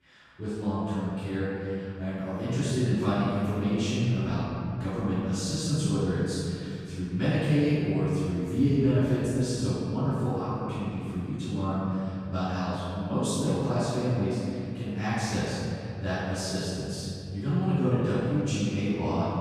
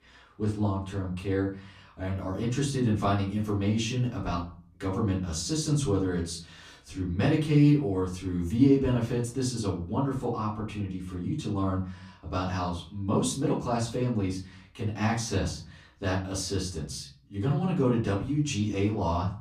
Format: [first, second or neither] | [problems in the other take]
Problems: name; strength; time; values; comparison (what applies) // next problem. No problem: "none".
second | room echo; strong; dies away in 2.8 s; slight in the second // off-mic speech; far; far in the second